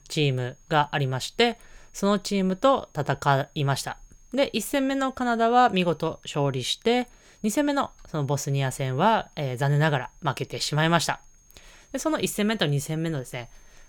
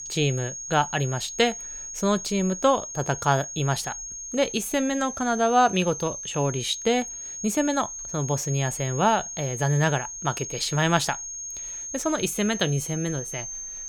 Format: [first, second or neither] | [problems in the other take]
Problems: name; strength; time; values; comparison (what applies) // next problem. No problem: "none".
first | high-pitched whine; loud; throughout; 6.5 kHz, 8 dB below the speech; faint in the first